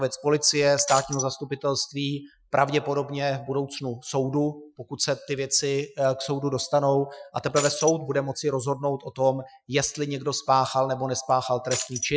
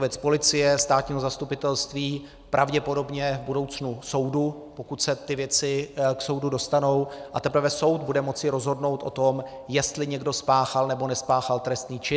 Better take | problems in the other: second | noise reduction (classical method Wiener filter)

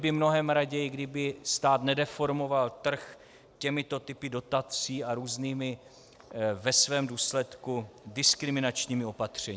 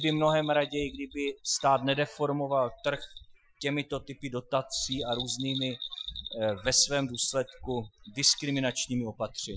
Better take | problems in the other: first | noise reduction (classical method Wiener filter)

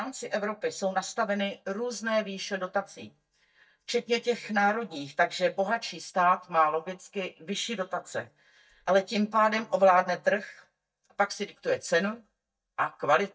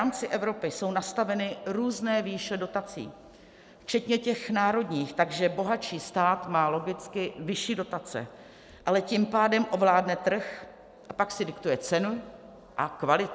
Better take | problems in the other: second | noise reduction (neural mask model DeepFilterNet 3)

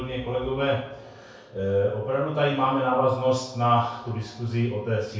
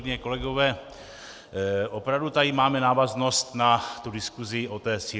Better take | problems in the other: second | room echo; dies away in 0.6 s

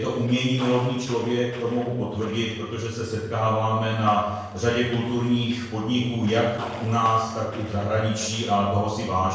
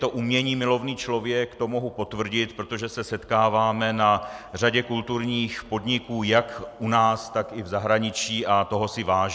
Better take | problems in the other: second | noise reduction (neural separator model SepFormer DNS4)

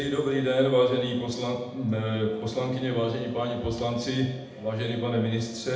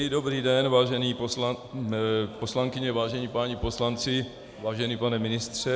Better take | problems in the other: second | room echo; dies away in 0.8 s

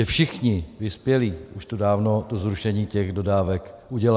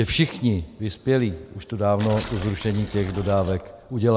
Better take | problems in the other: first | background sound (Tearing); 15 dB below the speech

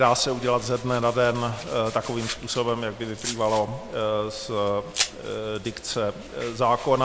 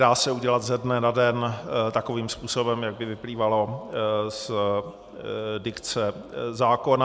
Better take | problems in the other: second | background sound (Domestic sounds, home sounds); 12 dB below the speech

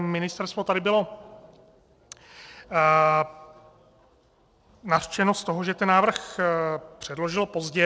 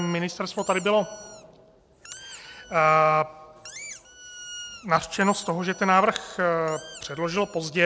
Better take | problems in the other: first | background sound (Squeak); 19 dB below the speech

